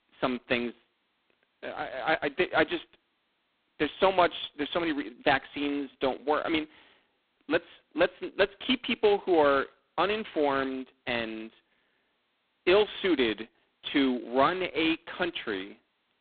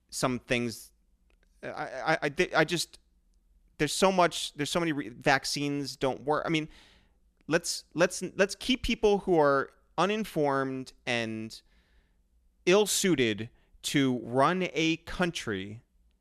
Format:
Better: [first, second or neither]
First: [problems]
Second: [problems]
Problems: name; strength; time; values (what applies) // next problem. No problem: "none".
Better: second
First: phone-call audio; poor line; nothing above 4 kHz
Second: none